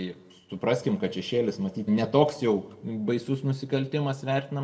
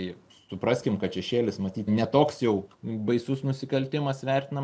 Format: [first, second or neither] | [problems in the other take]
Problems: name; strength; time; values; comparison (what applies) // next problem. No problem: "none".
second | room echo; dies away in 1 s